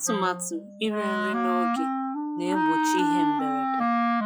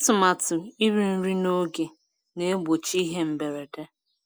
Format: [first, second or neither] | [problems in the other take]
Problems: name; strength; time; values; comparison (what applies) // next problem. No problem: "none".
second | noise reduction (classical method log-MMSE)